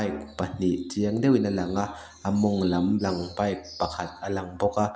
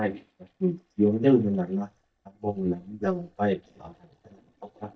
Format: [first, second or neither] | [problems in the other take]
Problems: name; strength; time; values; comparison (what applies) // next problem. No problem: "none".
first | noise reduction (neural mask model DeepFilterNet 3)